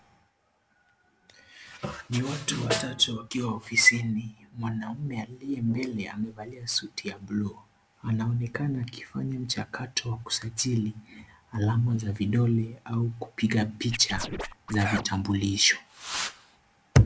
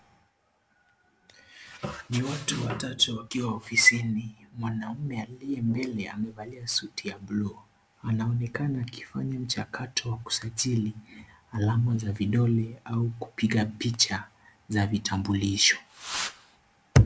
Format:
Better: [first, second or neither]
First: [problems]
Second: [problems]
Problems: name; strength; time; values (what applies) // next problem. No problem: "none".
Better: second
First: background sound (Scratching (performance technique) + Snare drum); 7 dB below the speech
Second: none